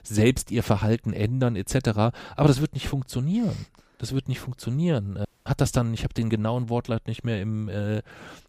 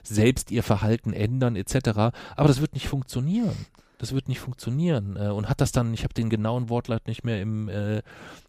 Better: second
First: audio cutting out; at 5.5 s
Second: none

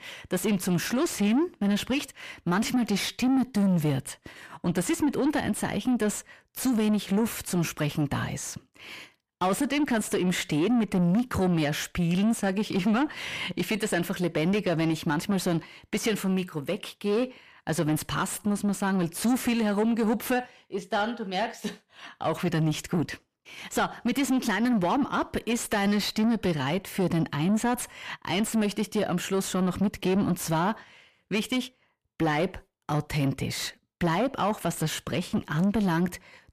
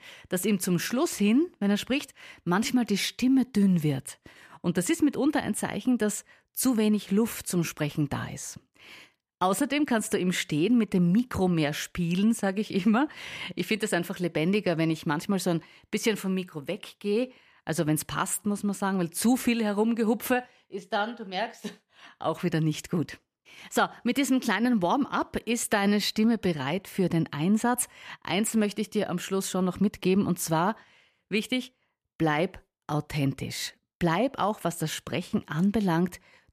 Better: second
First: distortion; slight; 10 dB below the speech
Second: none

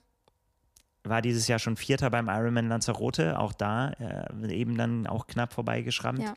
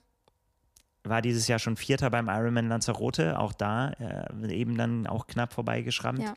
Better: neither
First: none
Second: none

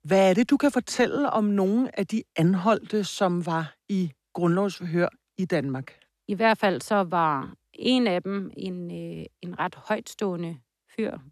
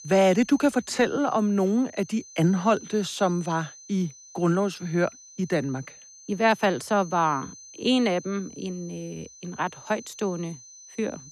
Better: first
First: none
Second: high-pitched whine; noticeable; throughout; 6 kHz, 20 dB below the speech

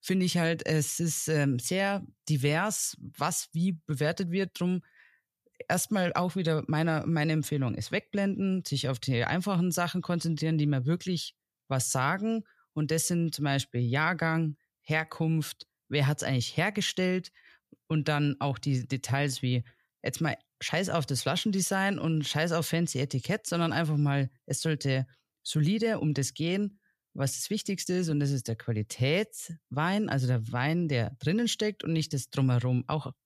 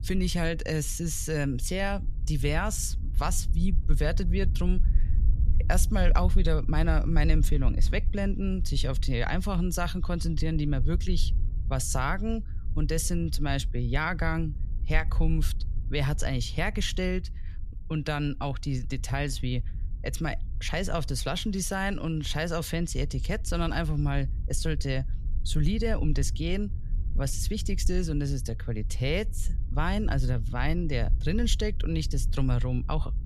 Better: first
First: none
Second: low rumble; noticeable; throughout; 20 dB below the speech

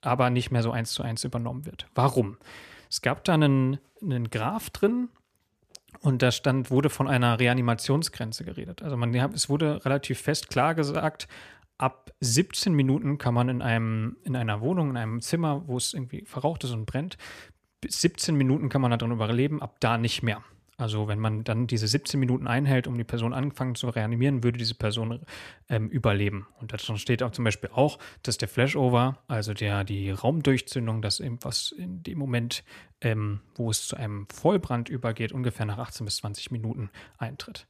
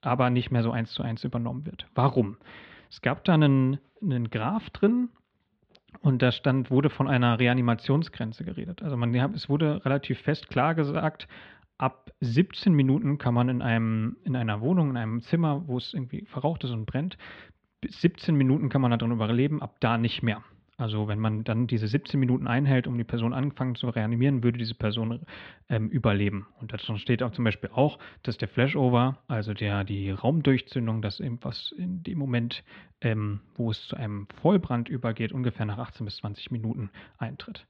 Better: first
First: none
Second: muffled; slightly; fading above 4 kHz

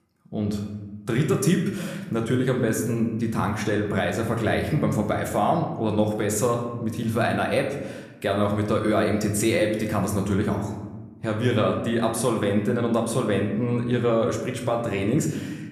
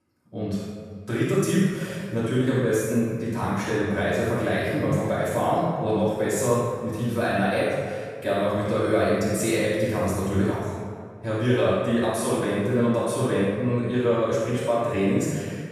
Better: first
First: room echo; slight; dies away in 1 s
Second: room echo; strong; dies away in 1.6 s // off-mic speech; far

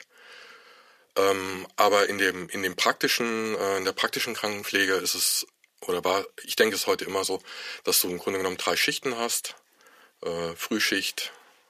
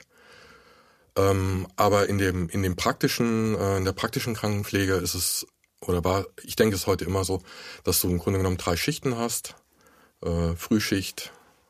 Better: second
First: thin; somewhat; fading below 350 Hz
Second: none

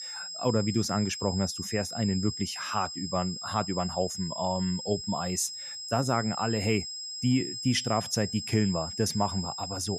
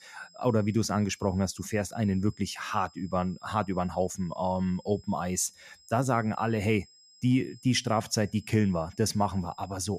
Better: second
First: high-pitched whine; loud; throughout; 5 kHz, 6 dB below the speech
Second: high-pitched whine; faint; throughout; 5 kHz, 25 dB below the speech

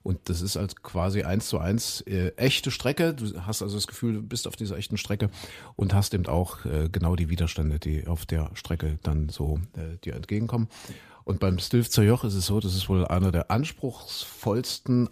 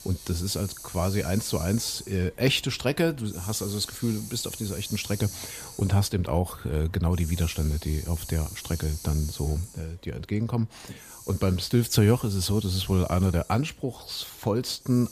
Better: first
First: none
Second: hiss; noticeable; throughout; 15 dB below the speech

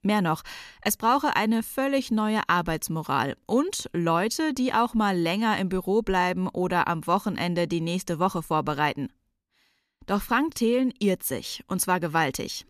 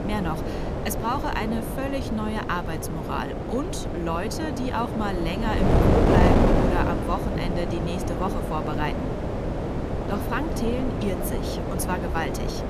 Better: first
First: none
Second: wind noise on the microphone; heavy; 1 dB above the speech

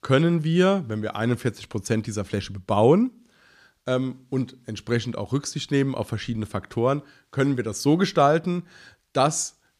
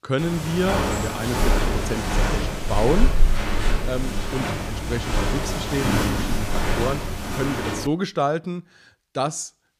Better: first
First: none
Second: footsteps; loud; from 0.5 to 7.5 s; peak 6 dB above the speech

